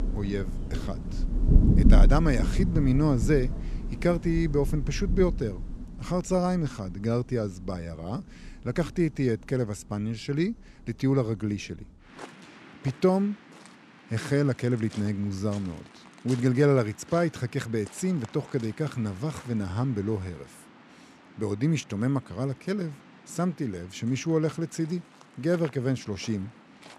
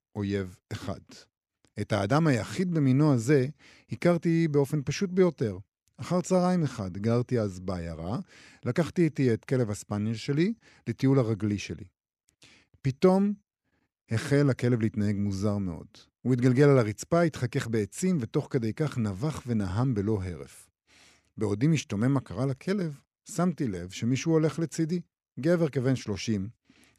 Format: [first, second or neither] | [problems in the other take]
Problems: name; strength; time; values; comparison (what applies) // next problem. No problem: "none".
second | rain or running water; loud; throughout; as loud as the speech